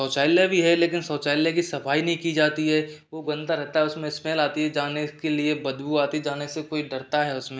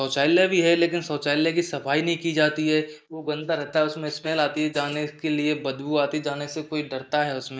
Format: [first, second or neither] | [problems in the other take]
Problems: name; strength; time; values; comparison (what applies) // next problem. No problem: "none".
first | noise reduction (neural mask model Resemble Enhance denoiser)